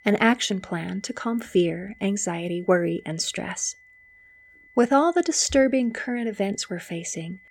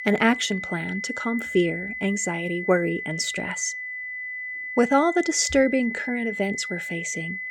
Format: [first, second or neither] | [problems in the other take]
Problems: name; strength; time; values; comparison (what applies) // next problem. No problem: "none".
first | high-pitched whine; loud; throughout; 2 kHz, 6 dB below the speech; faint in the first